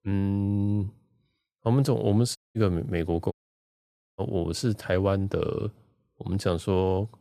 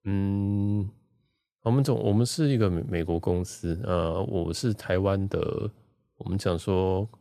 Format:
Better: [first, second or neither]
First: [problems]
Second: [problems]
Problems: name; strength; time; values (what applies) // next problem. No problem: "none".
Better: second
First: audio cutting out; at 2.5 s and at 3.5 s for 1 s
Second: none